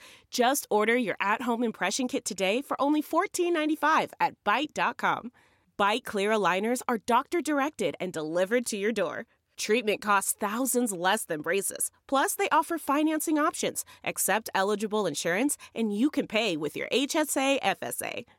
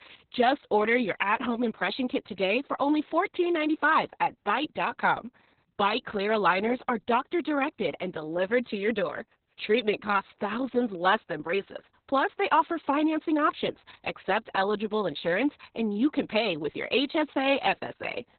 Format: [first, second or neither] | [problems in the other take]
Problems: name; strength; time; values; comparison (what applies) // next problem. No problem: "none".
first | garbled, watery; badly; nothing above 4 kHz